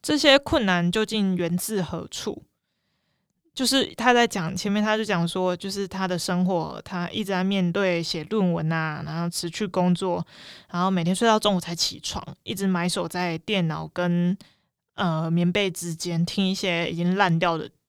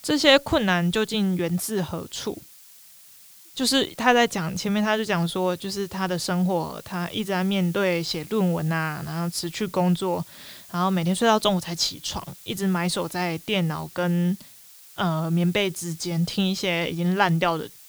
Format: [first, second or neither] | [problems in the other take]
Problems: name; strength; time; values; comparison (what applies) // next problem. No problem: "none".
first | hiss; faint; throughout; 20 dB below the speech